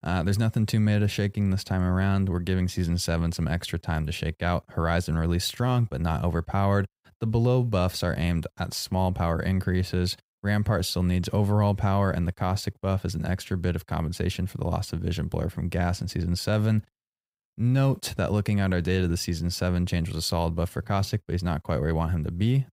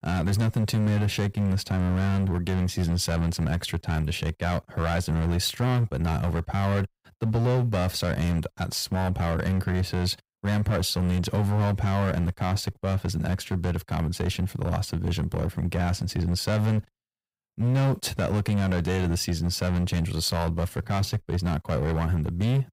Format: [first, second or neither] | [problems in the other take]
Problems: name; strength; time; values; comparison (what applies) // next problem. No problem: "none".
first | distortion; slight; 13% of the sound clipped